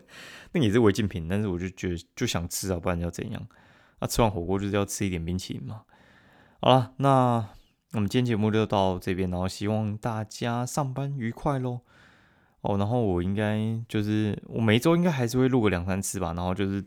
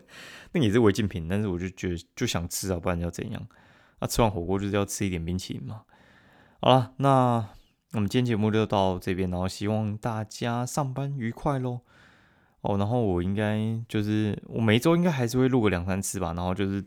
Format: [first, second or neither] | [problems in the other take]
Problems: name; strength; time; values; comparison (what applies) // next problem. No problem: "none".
neither | none